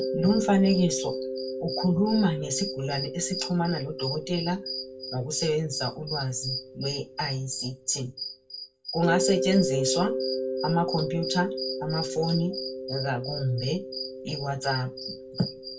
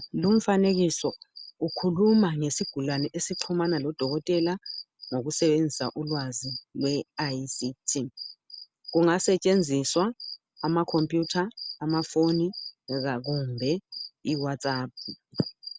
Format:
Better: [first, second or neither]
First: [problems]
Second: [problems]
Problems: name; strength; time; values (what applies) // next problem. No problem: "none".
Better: second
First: background sound (Mallet percussion); 6 dB below the speech // room echo; dies away in 0.2 s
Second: none